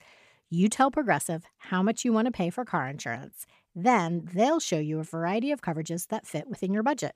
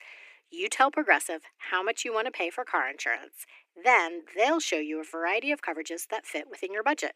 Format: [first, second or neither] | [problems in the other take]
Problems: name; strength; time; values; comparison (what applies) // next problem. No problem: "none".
first | thin; very; fading below 300 Hz